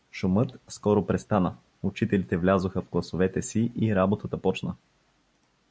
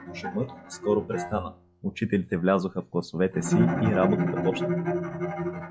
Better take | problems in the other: first | noise reduction (classical method log-MMSE)

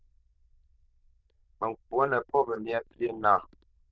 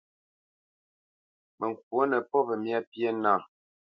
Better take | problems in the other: second | noise reduction (neural diffusion model UNIVERSE++)

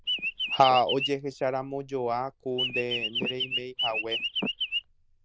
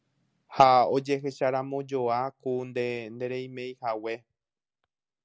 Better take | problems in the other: second | noise reduction (neural diffusion model UNIVERSE++)

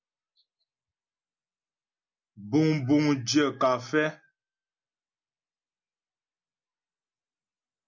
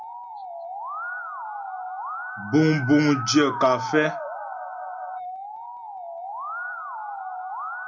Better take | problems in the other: first | background sound (Musical instrument); 6 dB below the speech

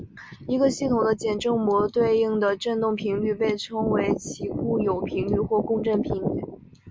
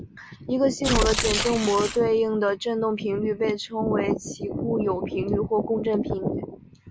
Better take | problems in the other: first | background sound (Tearing); 2 dB below the speech

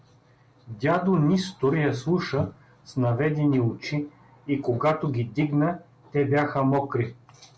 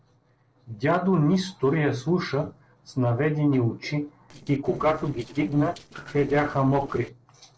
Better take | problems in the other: first | noise reduction (neural separator model SepFormer DNS4)

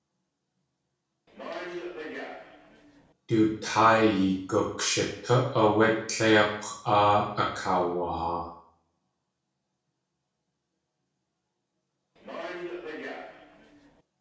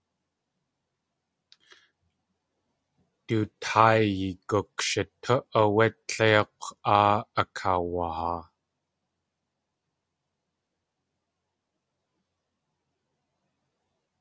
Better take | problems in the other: second | background sound (Subway, metro, underground); 11 dB below the speech // room echo; dies away in 0.6 s

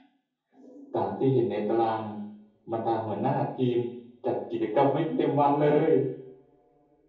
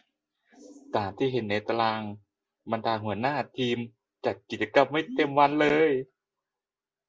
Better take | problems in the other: second | room echo; dies away in 0.7 s

